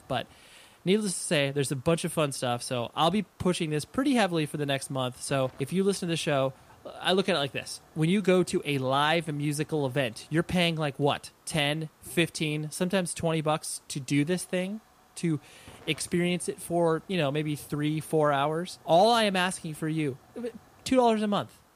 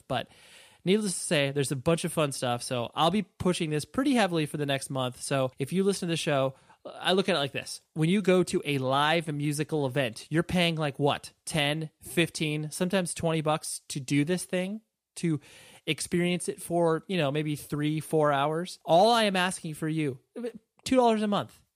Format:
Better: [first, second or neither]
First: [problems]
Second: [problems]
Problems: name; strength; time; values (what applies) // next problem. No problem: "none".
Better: second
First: hiss; faint; throughout; 30 dB below the speech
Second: none